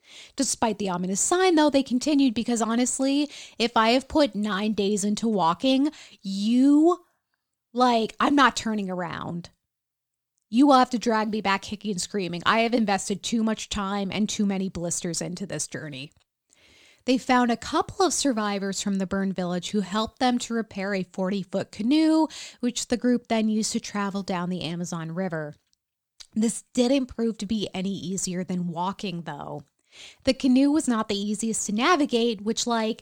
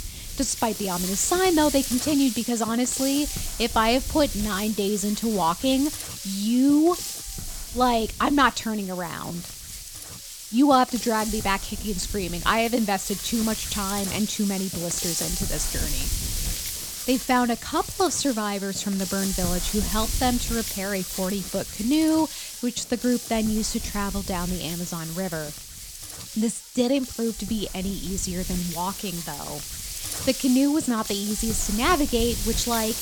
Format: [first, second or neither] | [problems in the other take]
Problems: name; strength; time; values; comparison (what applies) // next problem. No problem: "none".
first | wind noise on the microphone; heavy; 7 dB below the speech